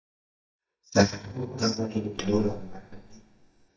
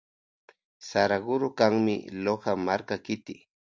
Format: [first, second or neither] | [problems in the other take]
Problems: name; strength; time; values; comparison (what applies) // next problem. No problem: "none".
second | noise reduction (neural mask model DeepFilterNet 3)